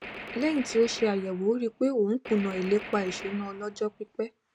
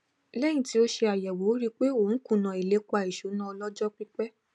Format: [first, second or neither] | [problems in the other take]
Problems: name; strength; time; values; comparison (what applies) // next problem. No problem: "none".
second | background sound (Gunshot, gunfire); 14 dB below the speech